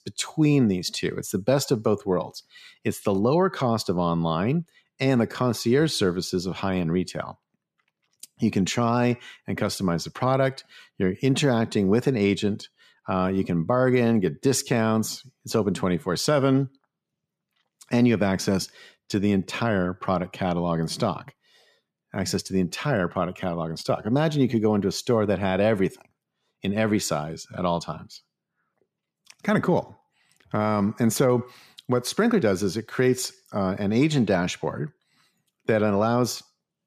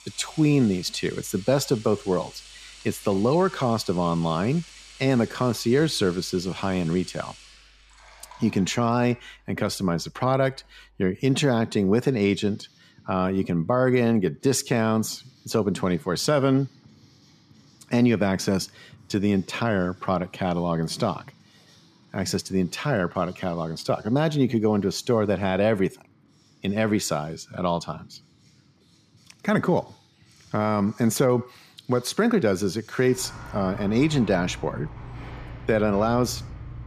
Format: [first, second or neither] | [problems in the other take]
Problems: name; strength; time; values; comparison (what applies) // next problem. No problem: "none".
first | household noises; faint; throughout; 20 dB below the speech